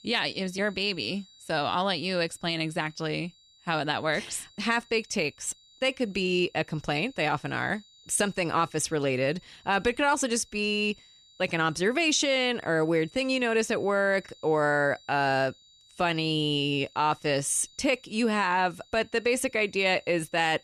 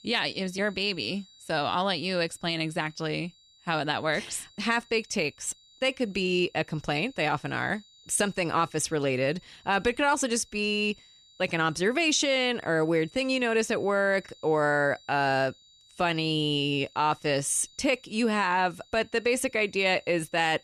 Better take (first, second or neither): neither